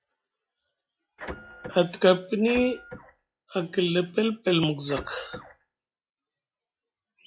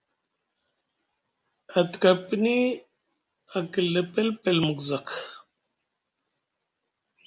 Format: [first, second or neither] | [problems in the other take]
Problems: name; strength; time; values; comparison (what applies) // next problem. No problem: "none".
second | noise reduction (classical method log-MMSE)